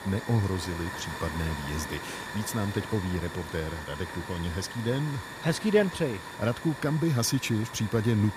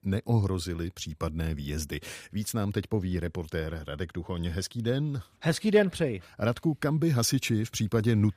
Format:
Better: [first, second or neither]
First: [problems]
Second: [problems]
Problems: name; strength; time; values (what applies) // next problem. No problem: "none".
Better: second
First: hiss; loud; throughout; 9 dB below the speech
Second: none